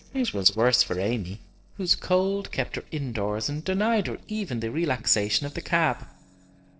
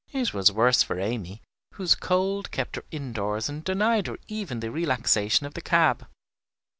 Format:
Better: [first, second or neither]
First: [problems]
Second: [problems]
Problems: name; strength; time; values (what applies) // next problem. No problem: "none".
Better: second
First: noise reduction (neural separator model SepFormer DNS4)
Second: none